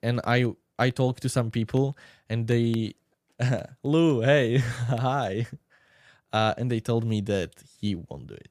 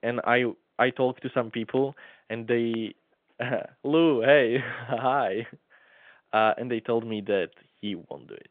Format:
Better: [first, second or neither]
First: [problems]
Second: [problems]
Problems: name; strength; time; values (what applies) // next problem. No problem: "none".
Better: first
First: none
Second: phone-call audio; nothing above 3 kHz